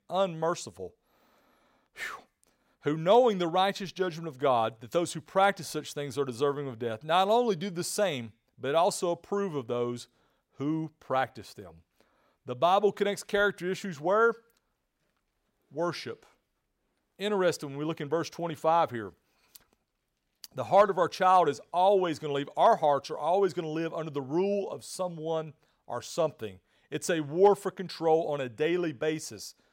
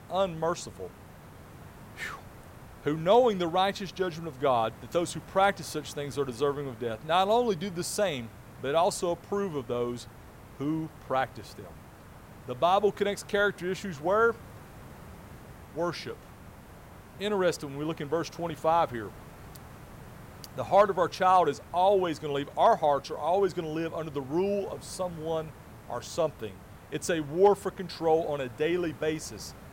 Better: first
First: none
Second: hiss; faint; throughout; 20 dB below the speech

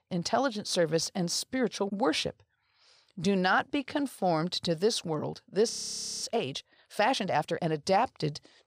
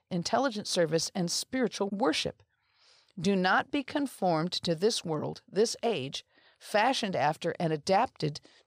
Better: second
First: audio freezing; at 5.5 s for 0.5 s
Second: none

